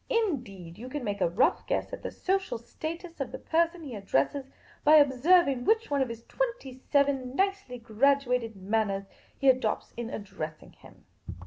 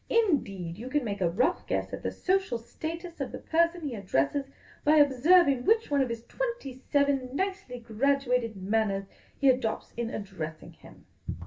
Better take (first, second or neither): first